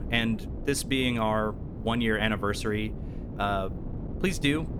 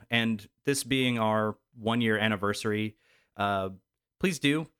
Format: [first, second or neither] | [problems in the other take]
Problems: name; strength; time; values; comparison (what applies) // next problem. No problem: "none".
second | wind noise on the microphone; occasional gusts; 15 dB below the speech